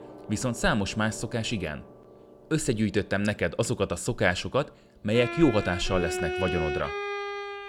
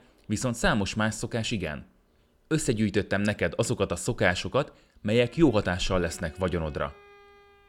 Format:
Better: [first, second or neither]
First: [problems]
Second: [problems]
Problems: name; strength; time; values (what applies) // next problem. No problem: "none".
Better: second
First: background music; loud; throughout; 7 dB below the speech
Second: background music; faint; throughout; 25 dB below the speech